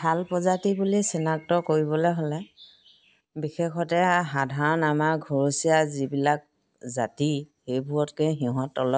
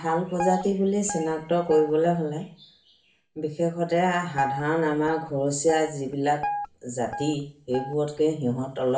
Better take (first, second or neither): first